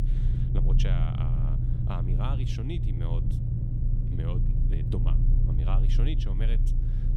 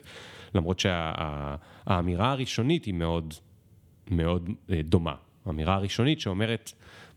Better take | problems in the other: second | low rumble; loud; throughout; as loud as the speech

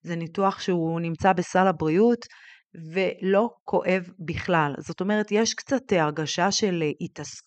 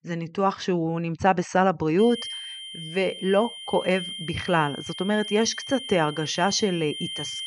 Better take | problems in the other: first | high-pitched whine; loud; from 2 s on; 3 kHz, 10 dB below the speech

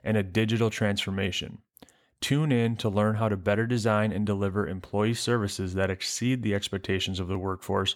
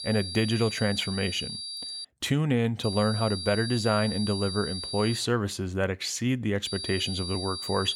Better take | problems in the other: first | high-pitched whine; loud; until 2 s, from 3 to 5.5 s and from 6.5 s on; 4.5 kHz, 6 dB below the speech

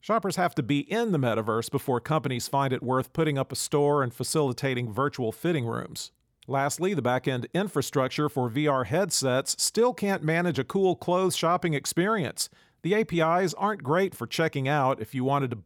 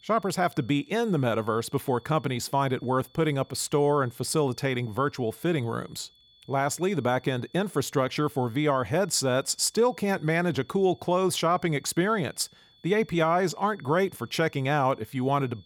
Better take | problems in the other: first | high-pitched whine; faint; throughout; 3.5 kHz, 30 dB below the speech

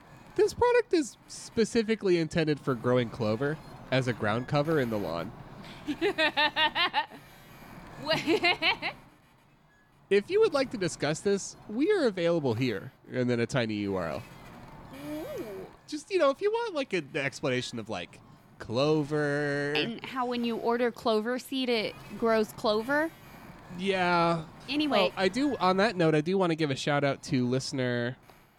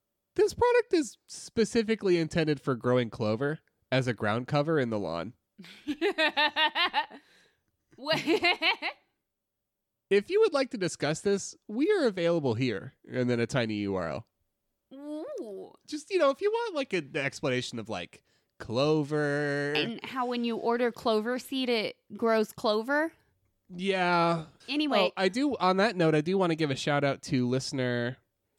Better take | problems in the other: second | wind noise on the microphone; occasional gusts; 20 dB below the speech

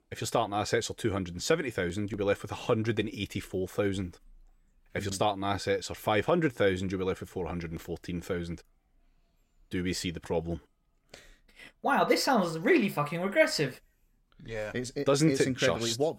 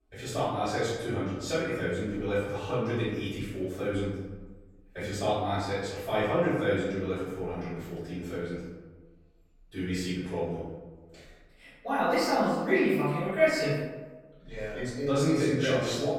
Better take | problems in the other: first | off-mic speech; far // room echo; strong; dies away in 1.1 s

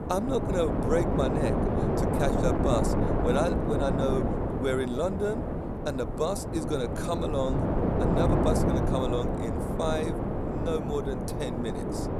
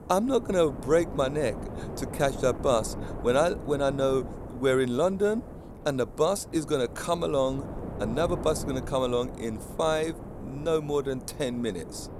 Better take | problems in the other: second | wind noise on the microphone; heavy; as loud as the speech; occasional gusts in the second

